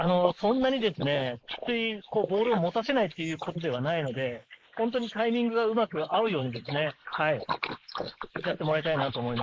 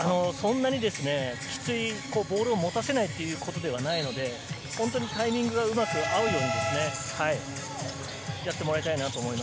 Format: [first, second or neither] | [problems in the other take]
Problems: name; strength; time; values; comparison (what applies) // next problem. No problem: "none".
second | noise reduction (neural mask model Resemble Enhance denoiser)